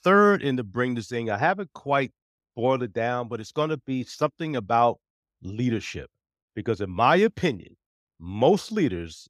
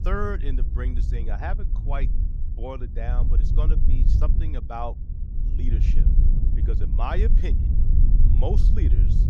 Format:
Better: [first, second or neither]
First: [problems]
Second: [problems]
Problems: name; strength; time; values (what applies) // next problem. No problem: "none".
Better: first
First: none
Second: wind noise on the microphone; heavy; 7 dB below the speech